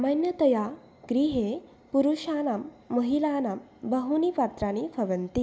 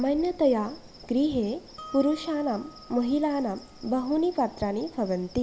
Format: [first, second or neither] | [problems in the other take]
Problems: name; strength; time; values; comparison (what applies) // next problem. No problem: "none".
first | background sound (Insect + Harp); 20 dB below the speech